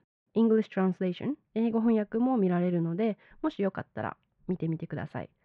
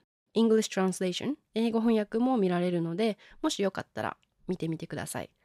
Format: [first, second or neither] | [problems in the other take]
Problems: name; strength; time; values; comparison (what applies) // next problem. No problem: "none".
second | muffled; very; fading above 2.5 kHz